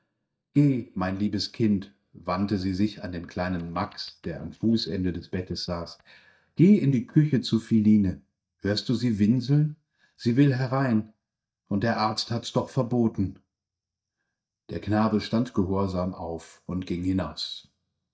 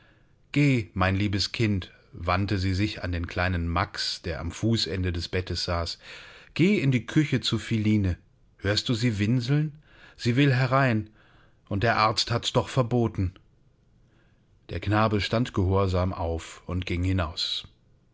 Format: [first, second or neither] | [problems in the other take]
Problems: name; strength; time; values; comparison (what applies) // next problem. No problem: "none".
second | noise reduction (neural mask model DeepFilterNet 3)